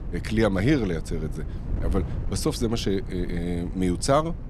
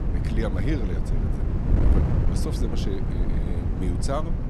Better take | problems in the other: first | wind noise on the microphone; heavy; 1 dB below the speech; occasional gusts in the first

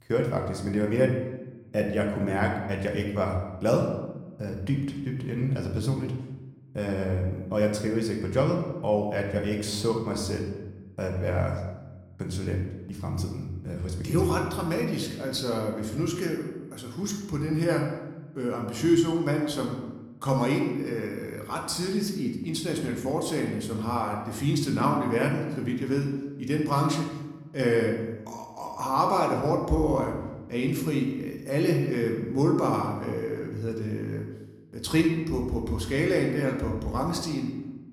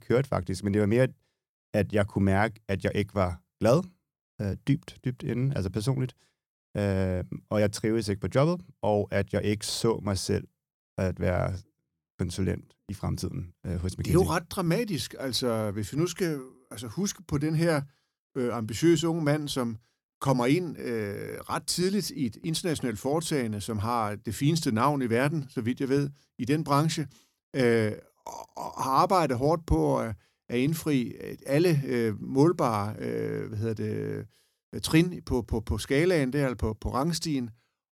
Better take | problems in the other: second | room echo; slight; dies away in 0.9 s // off-mic speech; somewhat distant

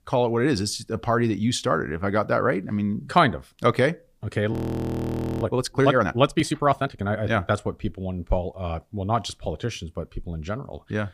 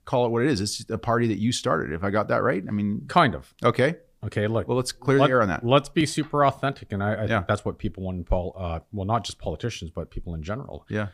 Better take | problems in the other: second | audio freezing; at 4.5 s for 1 s

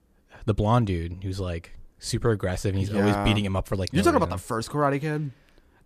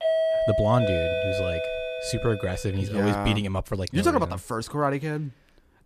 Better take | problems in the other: first | doorbell; loud; until 2.5 s; peak 4 dB above the speech

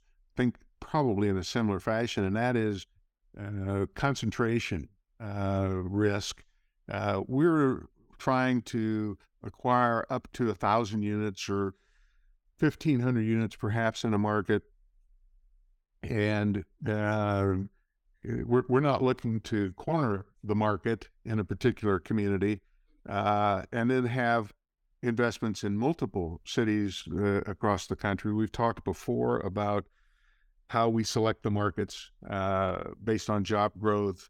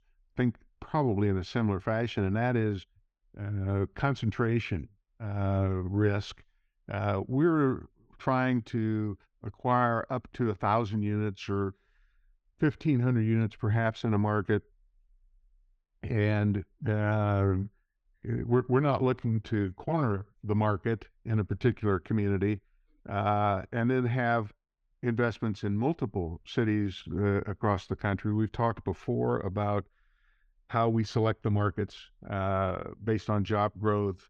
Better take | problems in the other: first | muffled; slightly; fading above 3.5 kHz

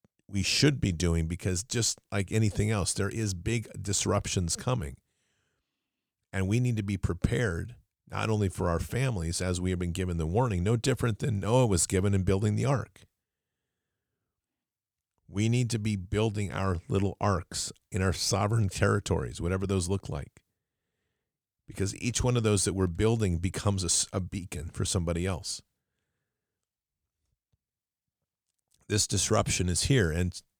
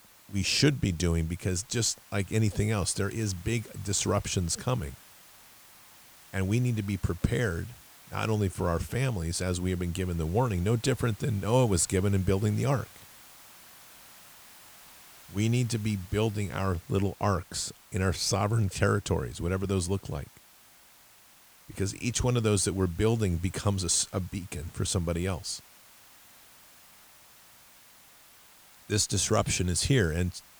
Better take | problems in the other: first | hiss; faint; throughout; 20 dB below the speech

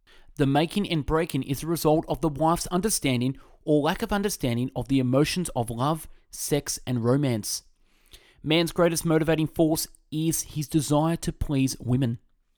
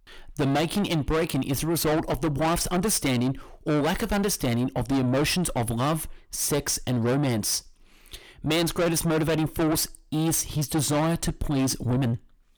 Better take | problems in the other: first | distortion; heavy; 6 dB below the speech

